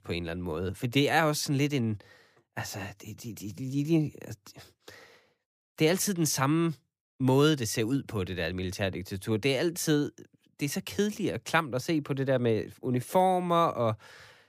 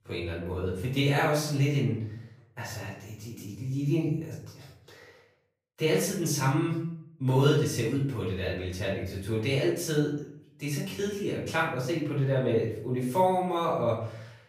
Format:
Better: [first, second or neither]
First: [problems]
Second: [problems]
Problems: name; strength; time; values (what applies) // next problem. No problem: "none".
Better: first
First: none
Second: off-mic speech; far // room echo; noticeable; dies away in 0.6 s